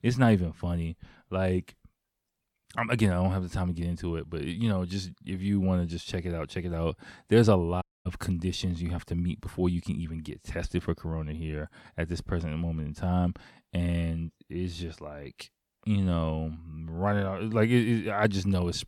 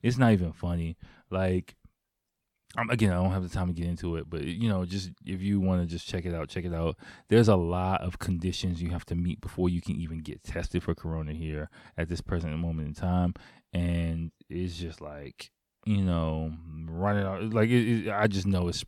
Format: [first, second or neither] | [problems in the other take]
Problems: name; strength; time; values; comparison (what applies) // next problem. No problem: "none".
second | audio cutting out; at 8 s